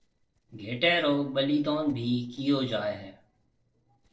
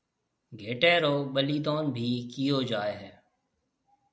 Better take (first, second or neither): second